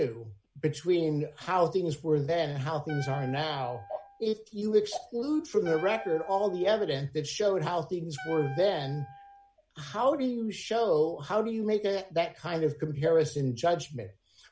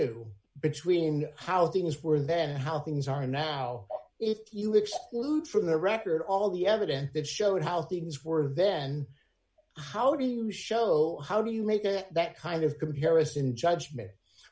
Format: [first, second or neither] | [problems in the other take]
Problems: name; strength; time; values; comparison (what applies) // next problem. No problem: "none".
second | background sound (Wind instrument, woodwind instrument); 16 dB below the speech